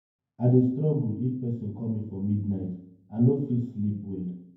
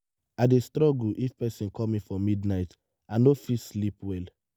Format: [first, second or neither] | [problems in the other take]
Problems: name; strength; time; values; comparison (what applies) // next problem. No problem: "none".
second | room echo; dies away in 0.9 s